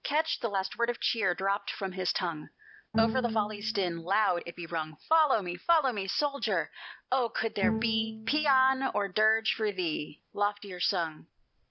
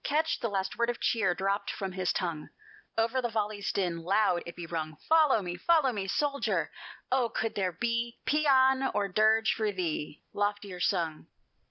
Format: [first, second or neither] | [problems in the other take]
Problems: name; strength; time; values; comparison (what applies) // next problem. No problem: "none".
second | background sound (Bowed string instrument); 7 dB below the speech